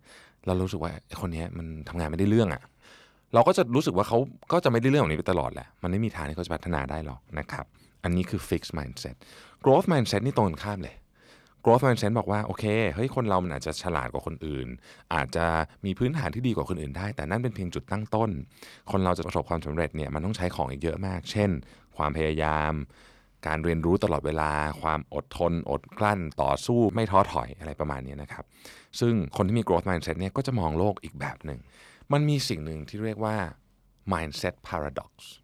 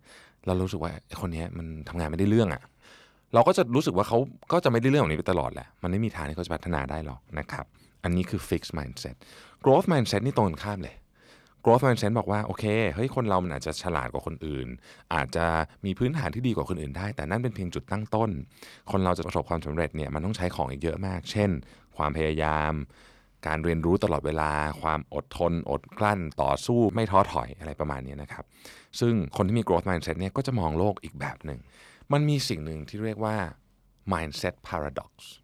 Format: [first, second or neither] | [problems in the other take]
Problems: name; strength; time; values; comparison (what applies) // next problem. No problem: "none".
neither | none